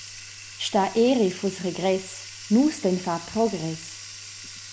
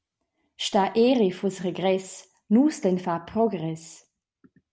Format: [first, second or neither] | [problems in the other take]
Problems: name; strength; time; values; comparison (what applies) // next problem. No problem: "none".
second | background sound (Bathtub (filling or washing)); 15 dB below the speech